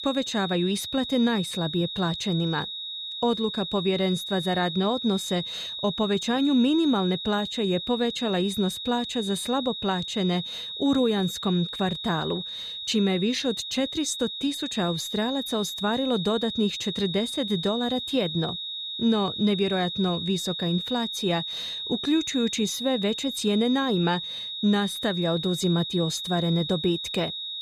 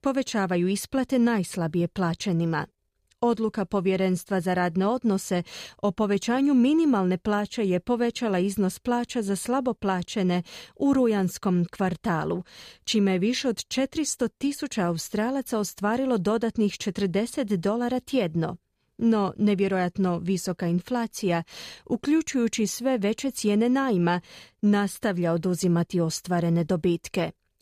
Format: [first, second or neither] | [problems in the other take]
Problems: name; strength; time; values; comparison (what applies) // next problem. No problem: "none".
second | high-pitched whine; loud; throughout; 4 kHz, 5 dB below the speech